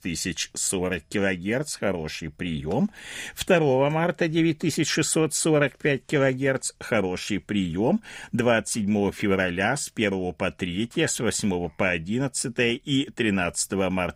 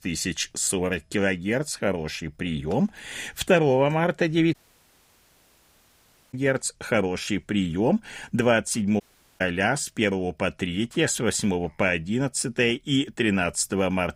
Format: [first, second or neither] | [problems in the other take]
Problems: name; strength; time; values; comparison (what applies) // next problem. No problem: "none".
first | audio cutting out; at 4.5 s for 2 s and at 9 s